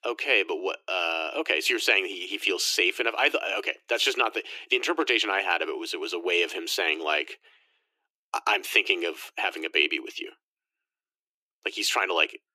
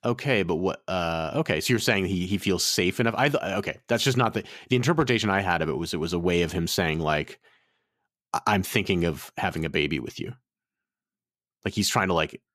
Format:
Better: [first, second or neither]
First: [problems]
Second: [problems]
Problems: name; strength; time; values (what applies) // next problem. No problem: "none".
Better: second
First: thin; very; fading below 300 Hz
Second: none